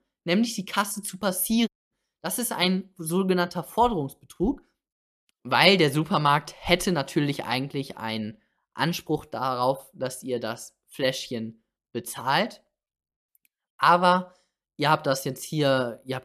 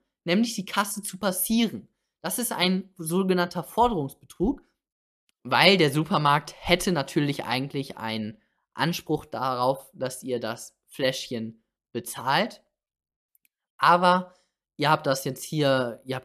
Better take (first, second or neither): second